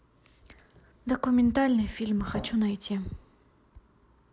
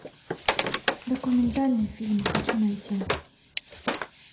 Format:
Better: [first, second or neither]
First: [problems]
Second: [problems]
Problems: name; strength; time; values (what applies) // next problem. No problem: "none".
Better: first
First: none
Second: background sound (Wood); 4 dB below the speech // room echo; dies away in 0.5 s